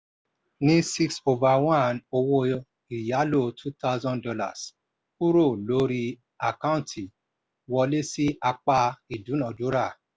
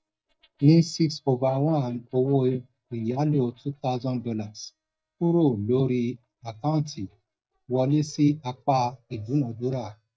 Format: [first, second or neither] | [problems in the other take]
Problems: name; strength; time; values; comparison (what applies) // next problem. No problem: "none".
first | noise reduction (neural mask model DeepFilterNet 3)